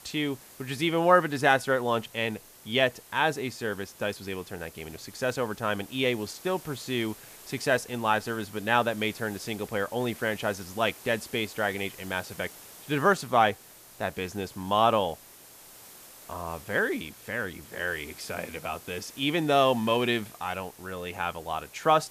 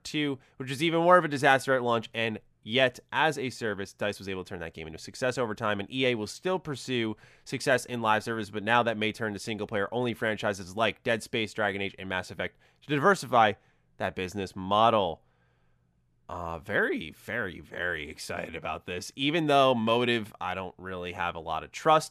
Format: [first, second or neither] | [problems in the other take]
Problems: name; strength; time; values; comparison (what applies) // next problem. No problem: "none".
second | hiss; noticeable; throughout; 20 dB below the speech